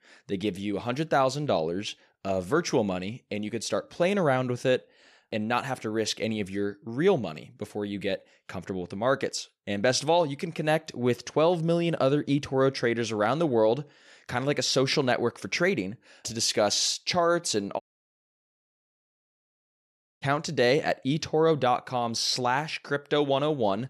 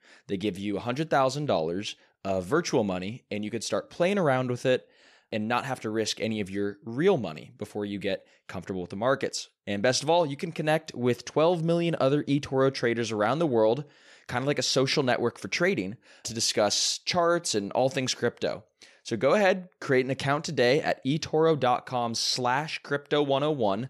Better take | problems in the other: second | audio cutting out; at 18 s for 2.5 s

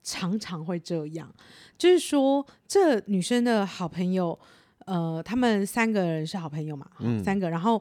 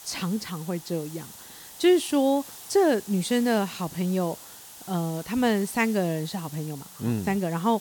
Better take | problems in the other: first | hiss; noticeable; throughout; 15 dB below the speech

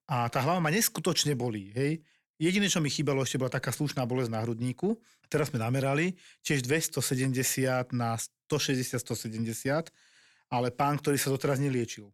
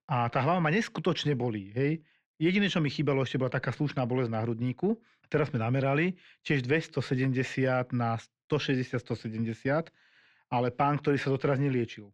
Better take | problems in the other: first | muffled; slightly; fading above 3 kHz

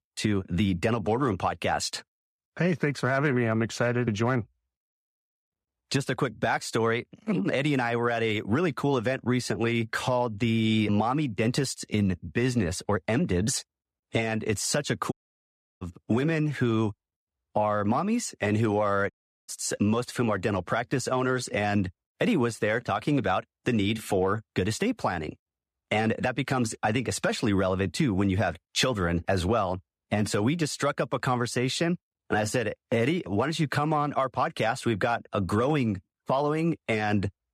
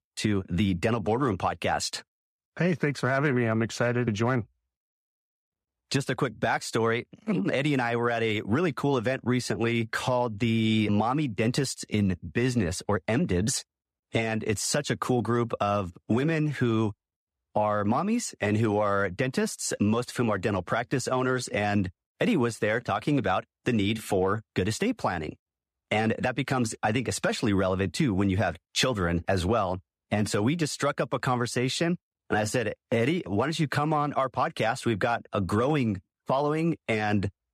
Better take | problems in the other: second | audio cutting out; at 15 s for 0.5 s and at 19 s

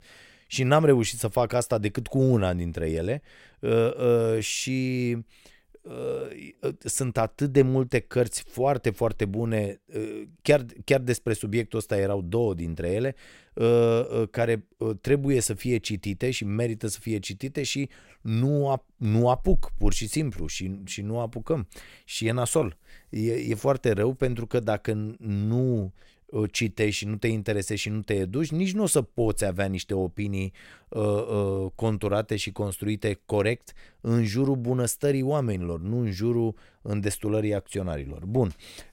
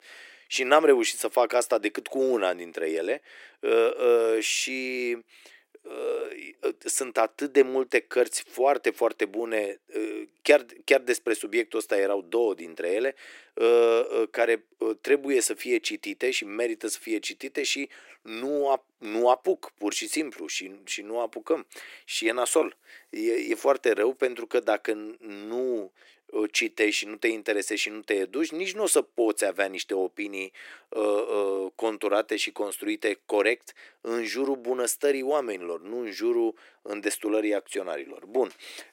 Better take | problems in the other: first | thin; very; fading below 300 Hz

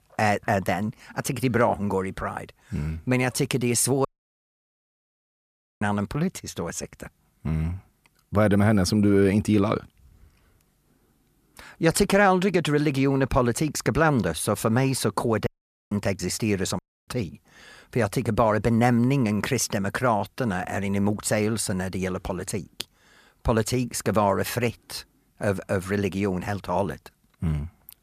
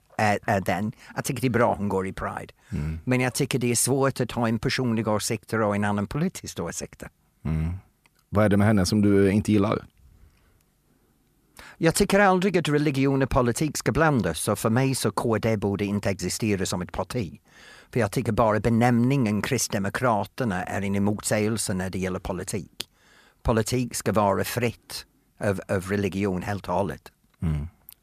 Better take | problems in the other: second | audio cutting out; at 4 s for 2 s, at 15 s and at 17 s

